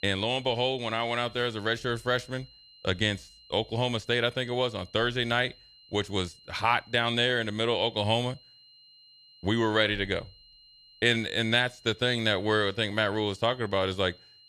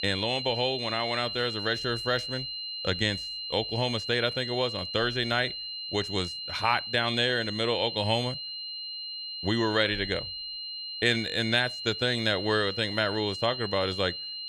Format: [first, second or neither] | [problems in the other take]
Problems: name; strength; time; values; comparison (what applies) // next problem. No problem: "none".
first | high-pitched whine; loud; throughout; 4 kHz, 6 dB below the speech; faint in the first